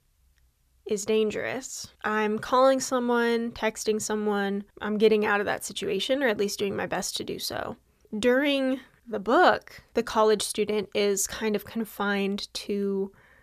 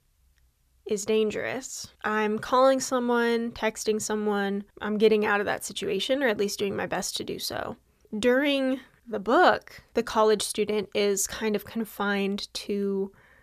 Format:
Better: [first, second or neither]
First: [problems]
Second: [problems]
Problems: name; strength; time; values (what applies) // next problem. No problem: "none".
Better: neither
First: none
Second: none